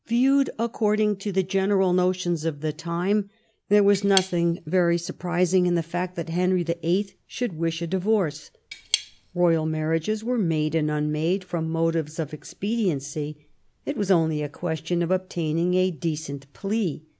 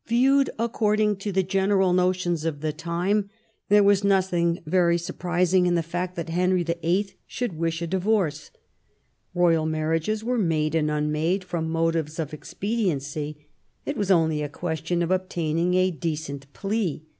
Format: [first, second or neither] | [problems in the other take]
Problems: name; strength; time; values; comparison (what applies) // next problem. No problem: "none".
second | background sound (Cutlery, silverware / Tap); 9 dB below the speech